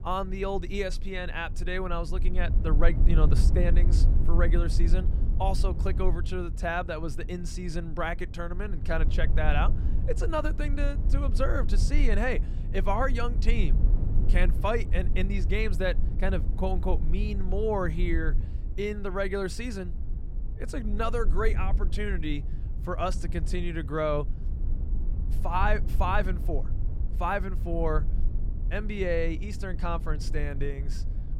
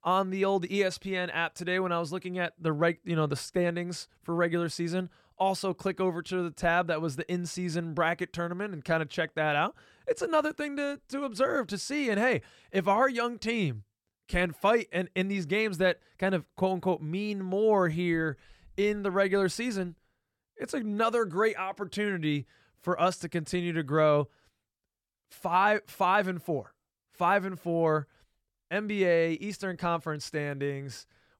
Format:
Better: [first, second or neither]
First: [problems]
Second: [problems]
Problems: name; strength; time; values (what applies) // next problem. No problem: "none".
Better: second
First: low rumble; noticeable; throughout; 15 dB below the speech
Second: none